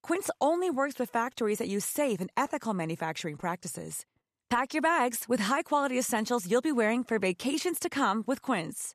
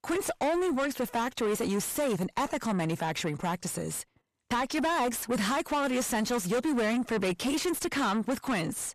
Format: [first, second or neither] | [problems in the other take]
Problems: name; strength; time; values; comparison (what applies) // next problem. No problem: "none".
first | distortion; heavy; 7 dB below the speech